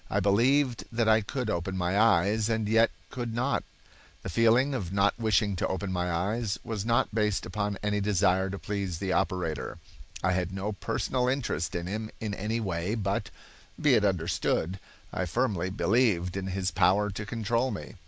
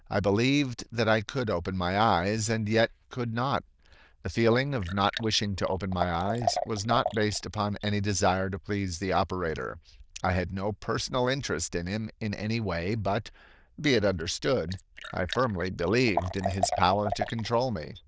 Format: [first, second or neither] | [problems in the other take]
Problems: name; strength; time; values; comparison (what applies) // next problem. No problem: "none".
first | noise reduction (neural diffusion model UNIVERSE++)